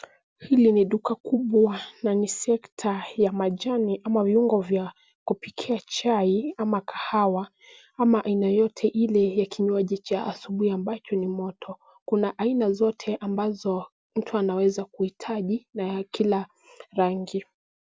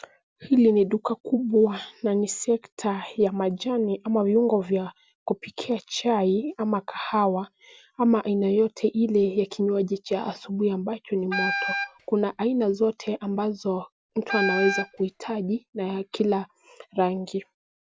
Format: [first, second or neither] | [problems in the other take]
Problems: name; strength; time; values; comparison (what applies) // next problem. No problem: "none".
first | background sound (Wind instrument, woodwind instrument); 5 dB below the speech